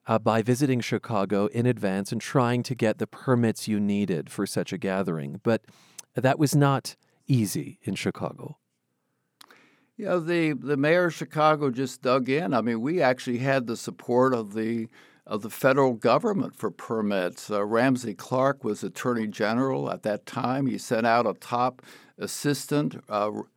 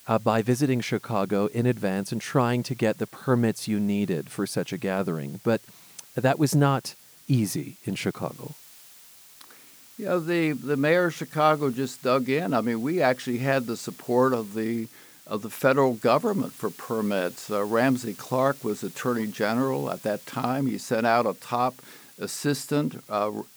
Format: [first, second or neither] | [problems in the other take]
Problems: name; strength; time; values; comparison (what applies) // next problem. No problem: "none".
first | hiss; faint; throughout; 20 dB below the speech